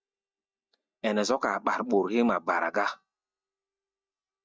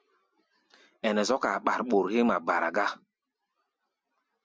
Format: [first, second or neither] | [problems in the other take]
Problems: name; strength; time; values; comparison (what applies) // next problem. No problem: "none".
second | noise reduction (neural mask model DeepFilterNet 3)